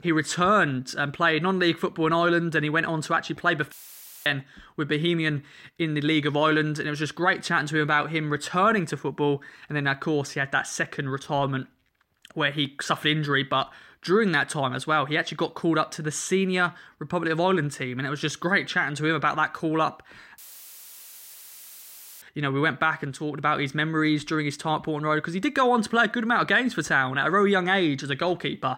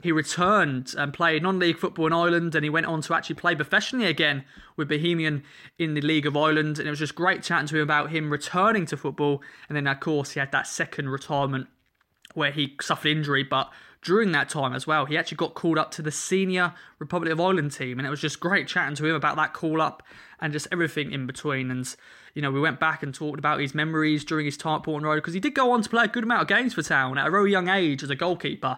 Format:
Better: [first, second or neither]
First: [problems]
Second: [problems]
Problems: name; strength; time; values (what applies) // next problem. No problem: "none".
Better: second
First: audio cutting out; filled with static; at 3.5 s for 0.5 s and at 20 s for 2 s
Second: none